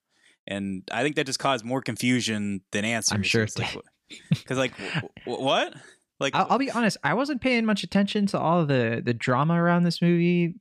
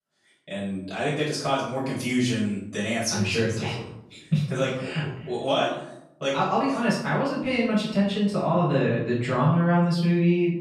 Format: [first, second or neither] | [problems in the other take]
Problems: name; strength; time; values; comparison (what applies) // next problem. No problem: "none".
first | off-mic speech; far // room echo; noticeable; dies away in 0.7 s